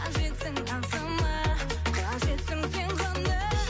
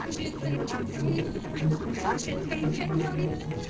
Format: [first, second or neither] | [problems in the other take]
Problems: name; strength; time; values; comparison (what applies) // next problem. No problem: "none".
first | noise reduction (neural separator model SepFormer DNS4)